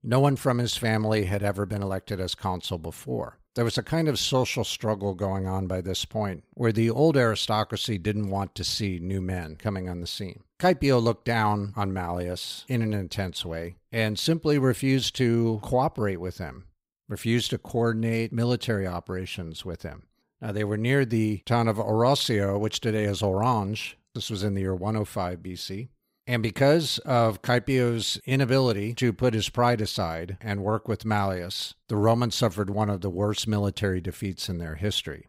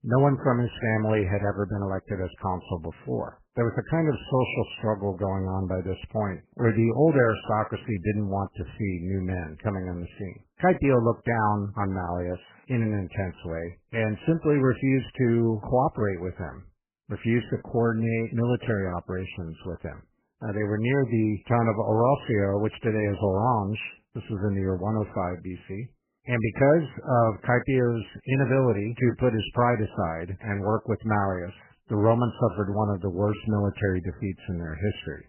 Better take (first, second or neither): first